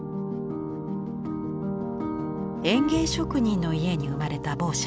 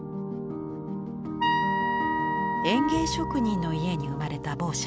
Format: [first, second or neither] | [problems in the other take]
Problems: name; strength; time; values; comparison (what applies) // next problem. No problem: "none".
first | background sound (Wind instrument, woodwind instrument); 1 dB below the speech